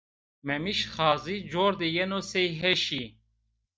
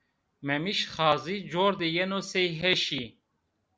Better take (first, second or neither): second